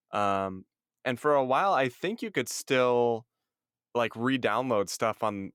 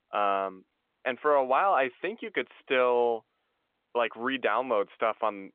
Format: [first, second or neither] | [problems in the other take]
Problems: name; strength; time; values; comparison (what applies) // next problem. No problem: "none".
first | phone-call audio; nothing above 3.5 kHz